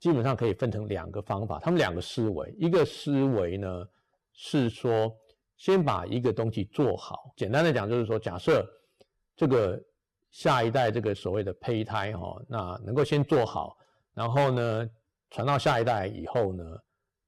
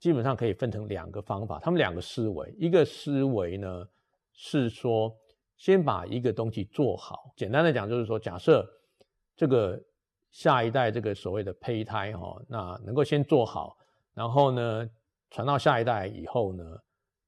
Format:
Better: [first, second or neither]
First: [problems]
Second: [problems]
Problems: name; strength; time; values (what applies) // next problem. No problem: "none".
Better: second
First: distortion; slight; 4% of the sound clipped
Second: none